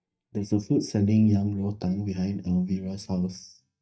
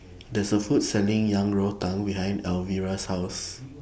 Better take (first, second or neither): second